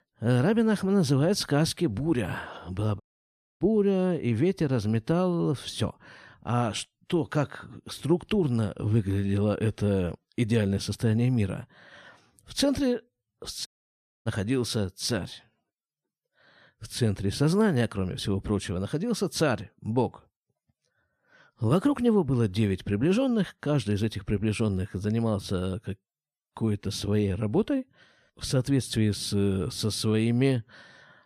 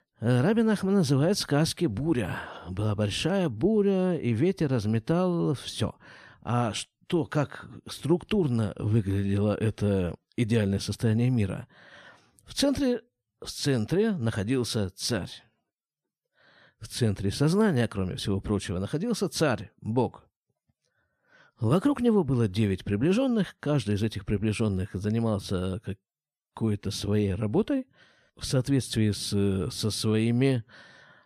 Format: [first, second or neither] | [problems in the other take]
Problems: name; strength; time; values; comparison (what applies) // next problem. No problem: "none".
second | audio cutting out; at 3 s for 0.5 s and at 14 s for 0.5 s